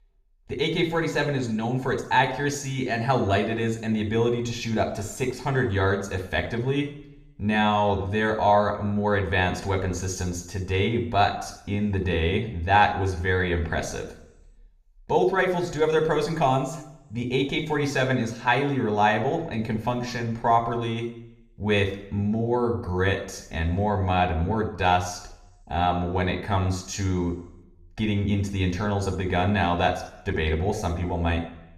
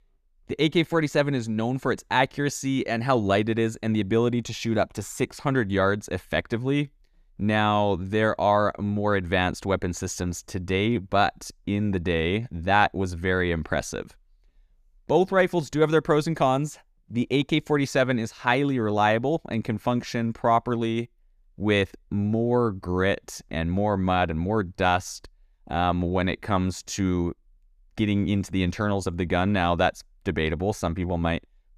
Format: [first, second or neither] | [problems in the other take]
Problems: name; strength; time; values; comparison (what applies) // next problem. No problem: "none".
second | room echo; slight; dies away in 0.6 s